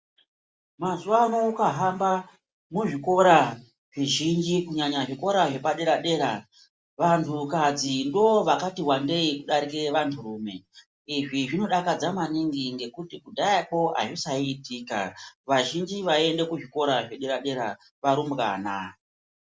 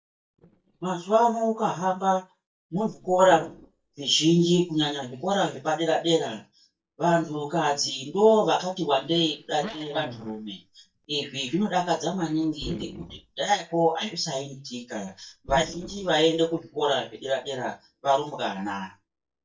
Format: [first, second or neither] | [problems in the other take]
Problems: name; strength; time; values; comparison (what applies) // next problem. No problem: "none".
first | noise reduction (neural mask model DeepFilterNet 3)